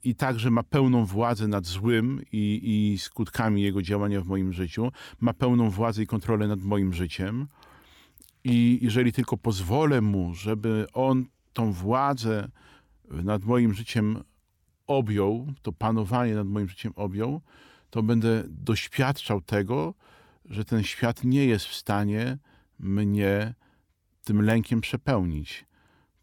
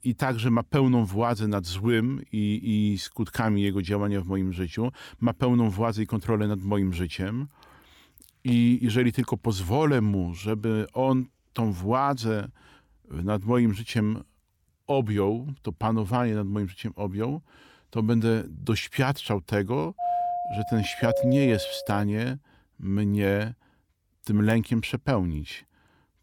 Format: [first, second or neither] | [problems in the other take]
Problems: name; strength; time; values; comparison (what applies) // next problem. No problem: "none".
first | doorbell; noticeable; from 20 to 22 s; peak 1 dB below the speech